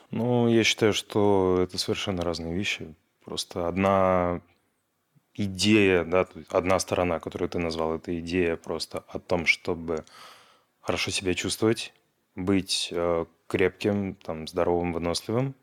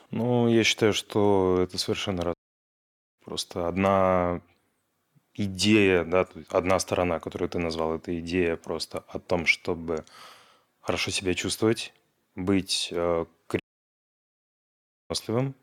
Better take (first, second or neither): first